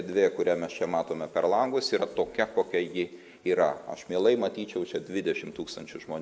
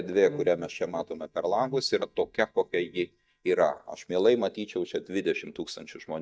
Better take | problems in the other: first | noise reduction (neural mask model DeepFilterNet 3)

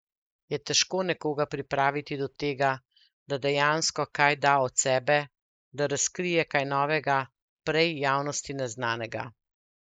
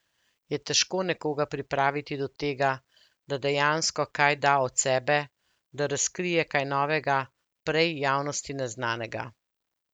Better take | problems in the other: second | noise reduction (neural mask model Resemble Enhance denoiser)

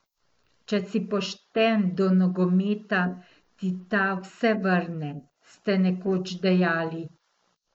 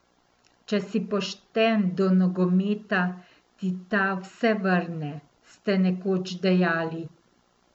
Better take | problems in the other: second | noise reduction (neural mask model Resemble Enhance denoiser)

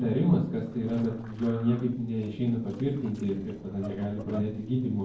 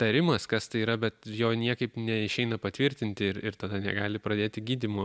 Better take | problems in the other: second | noise reduction (neural separator model SepFormer DNS4)

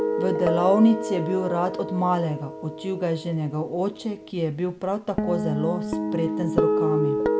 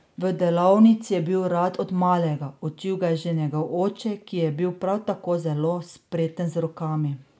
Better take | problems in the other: second | background sound (Guitar); 2 dB below the speech

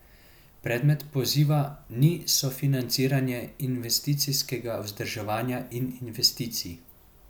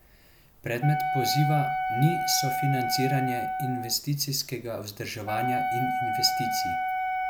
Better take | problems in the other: first | background sound (Wind instrument, woodwind instrument); as loud as the speech

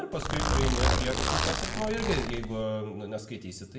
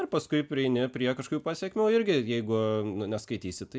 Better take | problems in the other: second | background sound (Zipper (clothing)); 5 dB above the speech // room echo; dies away in 0.6 s

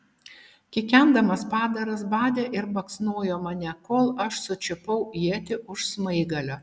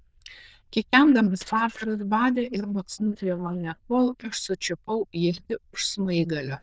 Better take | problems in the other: first | noise reduction (neural diffusion model UNIVERSE++)

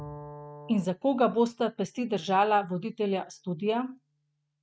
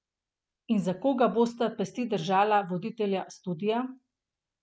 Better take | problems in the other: second | noise reduction (neural mask model RNNoise)

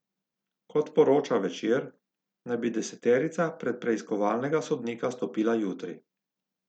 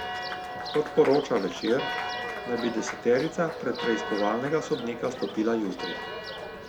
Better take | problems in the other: first | background sound (Church bell + Applause); 7 dB below the speech

